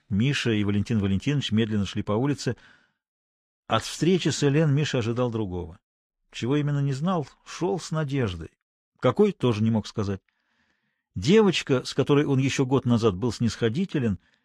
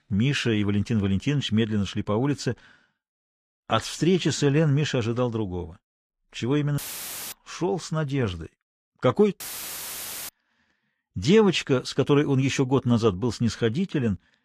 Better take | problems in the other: first | audio cutting out; filled with static; at 7 s for 0.5 s and at 9.5 s for 1 s

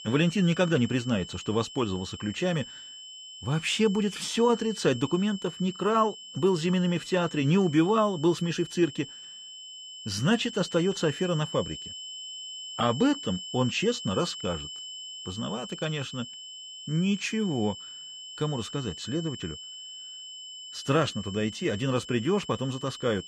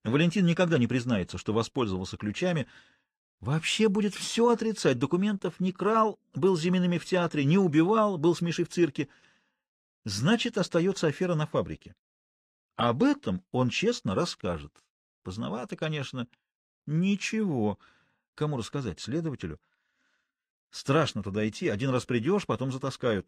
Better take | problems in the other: second | high-pitched whine; noticeable; throughout; 3 kHz, 10 dB below the speech

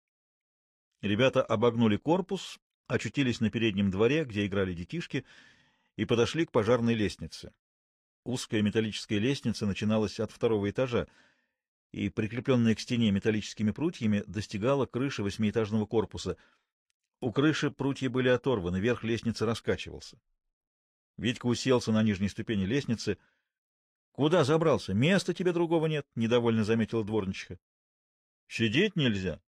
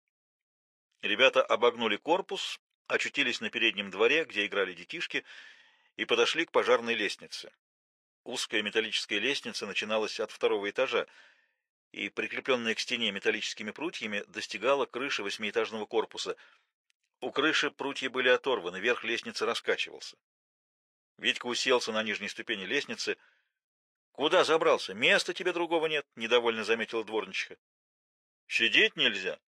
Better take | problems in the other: first | thin; very; fading below 500 Hz

